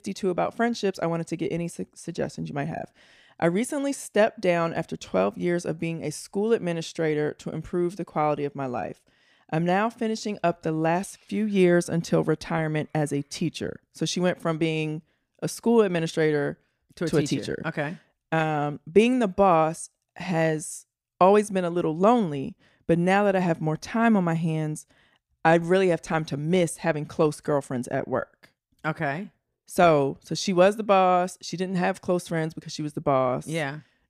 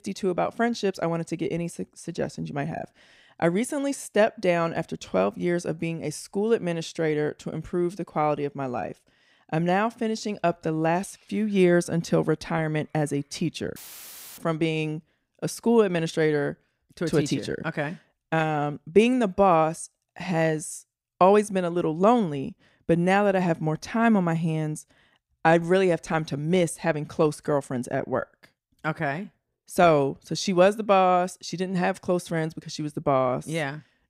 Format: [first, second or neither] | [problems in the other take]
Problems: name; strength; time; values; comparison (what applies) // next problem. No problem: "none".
first | audio cutting out; filled with static; at 14 s for 0.5 s